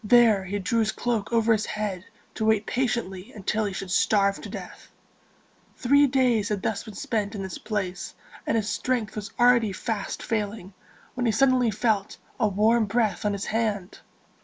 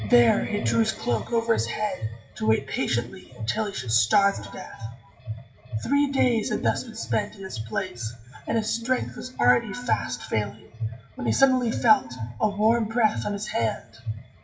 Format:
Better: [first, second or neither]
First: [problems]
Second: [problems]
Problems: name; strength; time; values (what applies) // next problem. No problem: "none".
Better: first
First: none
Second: noise reduction (classical method WPE with log-MMSE)